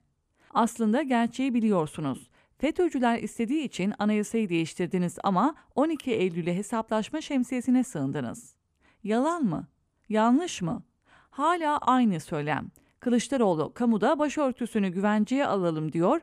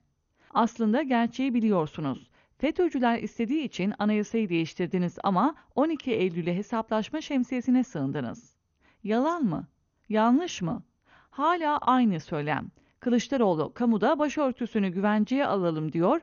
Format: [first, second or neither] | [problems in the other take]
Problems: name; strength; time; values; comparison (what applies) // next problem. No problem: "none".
first | garbled, watery; slightly; nothing above 6.5 kHz